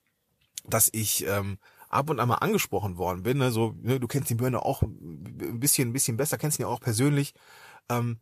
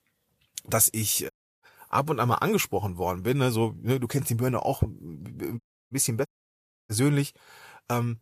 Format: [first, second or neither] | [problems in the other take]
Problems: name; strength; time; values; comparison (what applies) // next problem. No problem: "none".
first | audio cutting out; at 1.5 s, at 5.5 s and at 6.5 s for 0.5 s